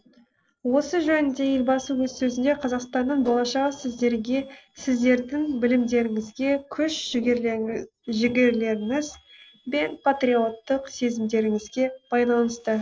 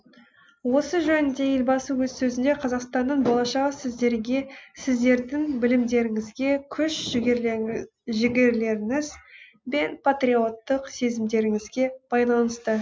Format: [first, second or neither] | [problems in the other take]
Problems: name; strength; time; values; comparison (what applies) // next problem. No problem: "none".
second | noise reduction (neural separator model SepFormer DNS4)